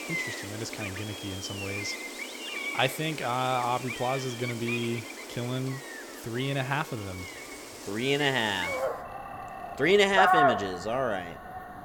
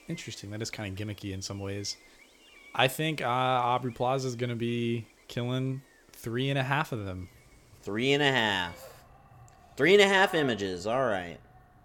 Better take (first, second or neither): second